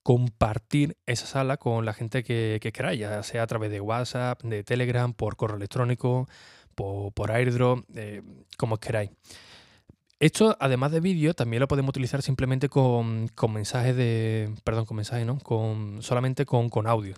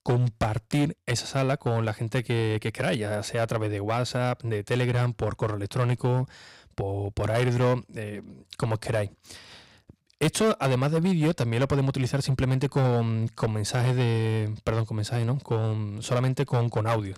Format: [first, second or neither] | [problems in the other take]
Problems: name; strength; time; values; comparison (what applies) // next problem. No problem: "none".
first | distortion; slight; 7% of the sound clipped